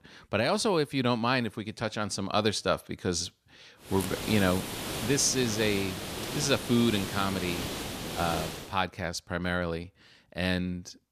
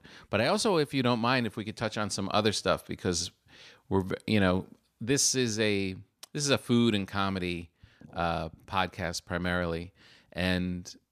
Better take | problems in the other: second | hiss; loud; from 4 to 8.5 s; 6 dB below the speech

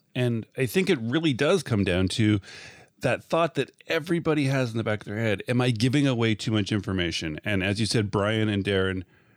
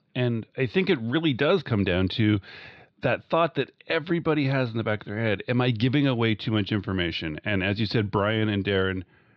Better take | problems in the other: first | muffled; very slightly; fading above 4 kHz

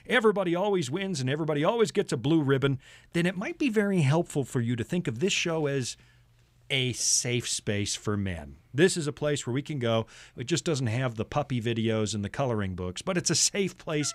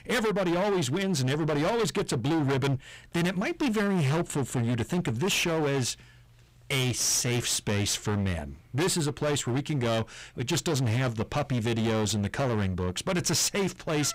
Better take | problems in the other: first | distortion; heavy; 29% of the sound clipped

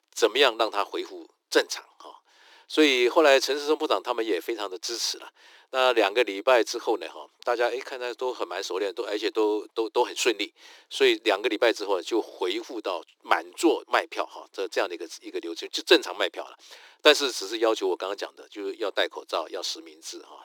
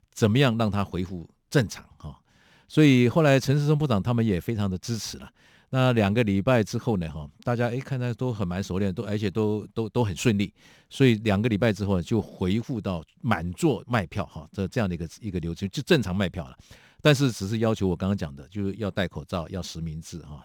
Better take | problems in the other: second | thin; very; fading below 300 Hz

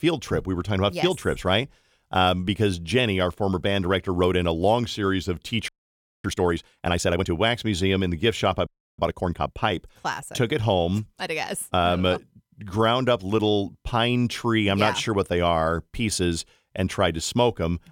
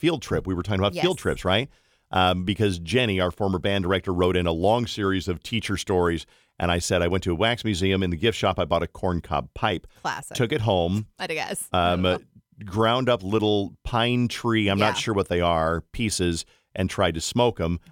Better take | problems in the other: second | audio freezing; at 5.5 s for 0.5 s and at 8.5 s

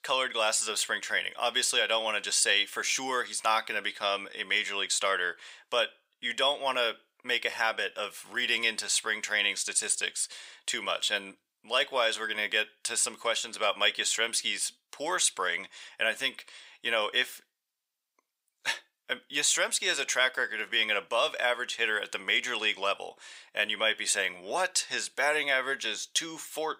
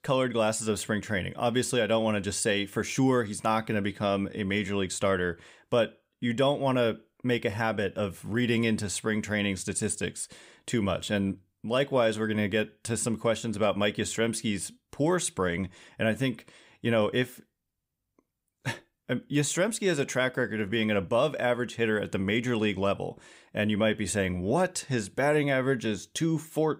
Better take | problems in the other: second | thin; very; fading below 800 Hz

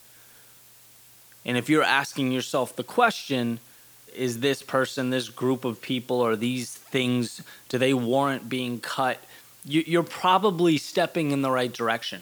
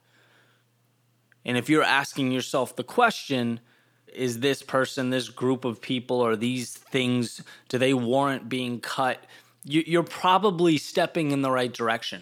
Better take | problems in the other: second | hiss; faint; throughout; 25 dB below the speech

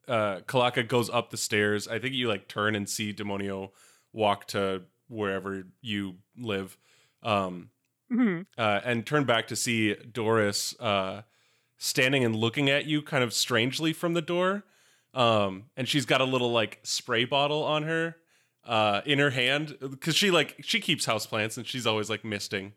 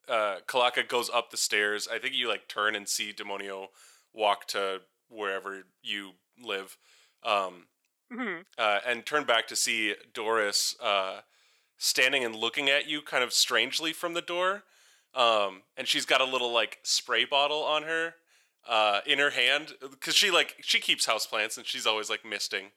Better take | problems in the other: first | thin; somewhat; fading below 550 Hz

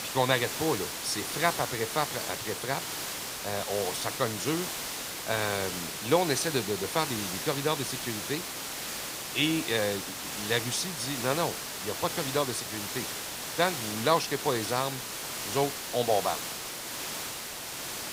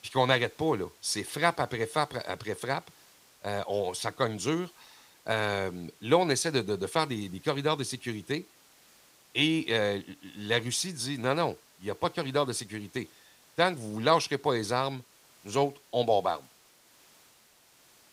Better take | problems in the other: second | hiss; loud; throughout; 3 dB below the speech; faint in the second

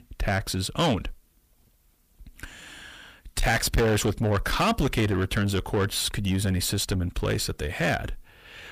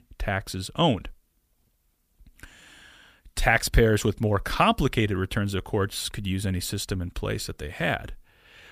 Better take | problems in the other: second | distortion; heavy; 7 dB below the speech

